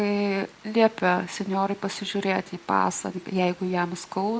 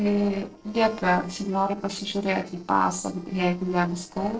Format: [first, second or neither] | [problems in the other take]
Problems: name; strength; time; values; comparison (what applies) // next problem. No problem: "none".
first | noise reduction (neural separator model SepFormer DNS4)